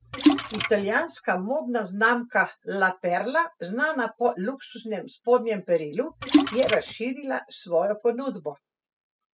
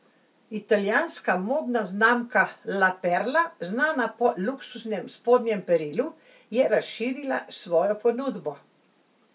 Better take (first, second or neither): second